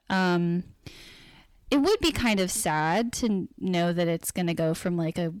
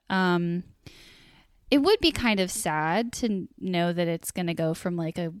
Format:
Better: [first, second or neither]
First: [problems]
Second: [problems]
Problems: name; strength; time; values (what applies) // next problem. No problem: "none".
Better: second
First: distortion; slight; 10 dB below the speech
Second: none